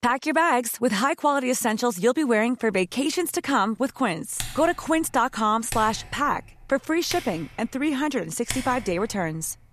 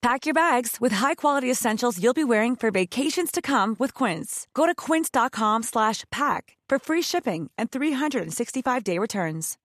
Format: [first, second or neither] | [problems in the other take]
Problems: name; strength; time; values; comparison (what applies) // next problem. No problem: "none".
second | keyboard typing; noticeable; from 4.5 to 9 s; peak 8 dB below the speech